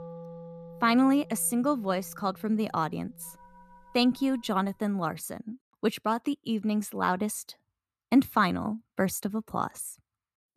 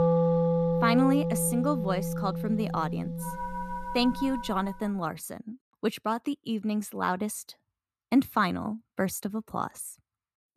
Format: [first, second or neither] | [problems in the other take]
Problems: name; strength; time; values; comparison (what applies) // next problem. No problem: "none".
first | background music; loud; until 4.5 s; 1 dB below the speech; faint in the first